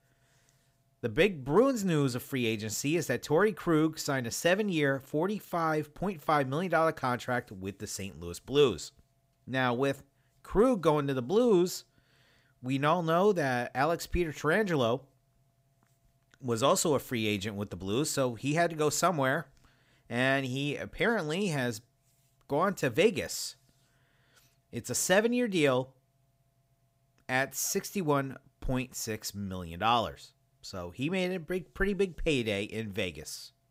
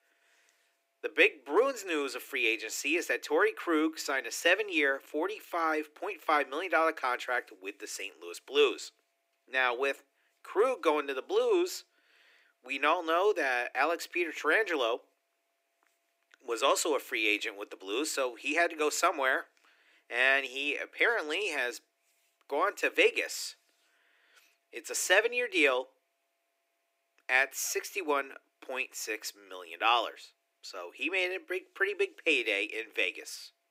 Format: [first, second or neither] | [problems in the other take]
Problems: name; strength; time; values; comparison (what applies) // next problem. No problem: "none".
first | thin; very; fading below 300 Hz